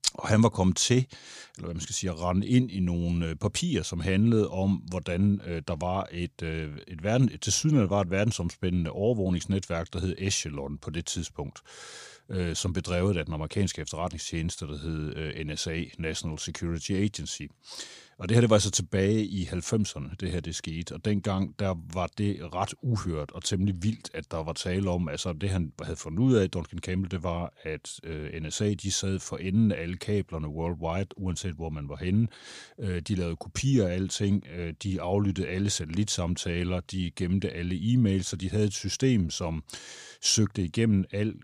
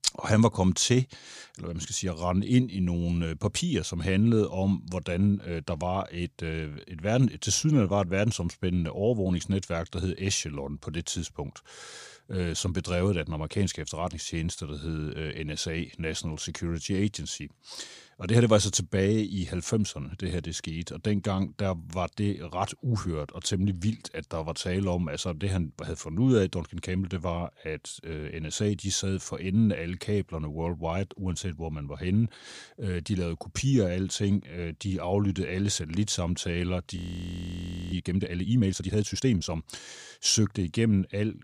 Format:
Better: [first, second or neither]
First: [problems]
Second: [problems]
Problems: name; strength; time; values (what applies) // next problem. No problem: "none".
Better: first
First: none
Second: audio freezing; at 37 s for 1 s